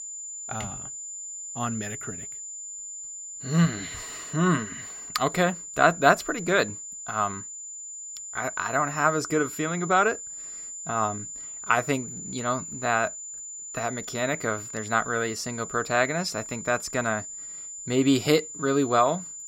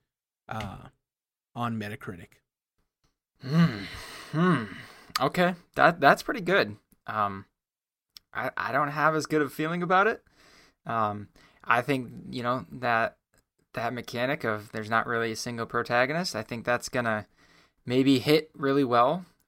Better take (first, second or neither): second